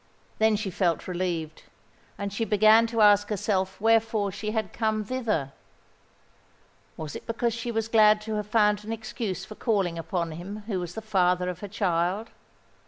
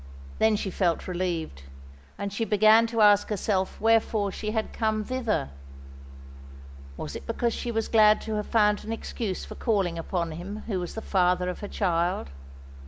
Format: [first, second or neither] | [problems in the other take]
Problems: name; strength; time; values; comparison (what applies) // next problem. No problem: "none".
first | background sound (Musical instrument); 13 dB below the speech